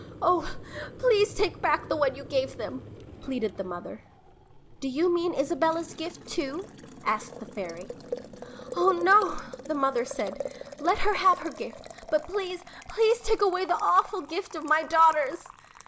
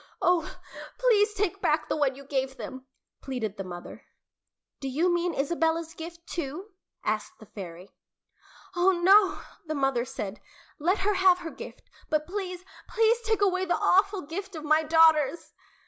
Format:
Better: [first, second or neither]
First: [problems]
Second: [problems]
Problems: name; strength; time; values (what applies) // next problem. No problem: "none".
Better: second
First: background sound (Boiling); 15 dB below the speech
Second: none